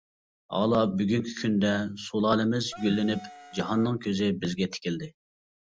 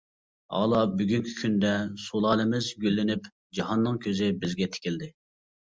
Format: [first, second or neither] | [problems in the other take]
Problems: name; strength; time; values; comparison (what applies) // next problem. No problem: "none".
second | background sound (Wind instrument, woodwind instrument); 18 dB below the speech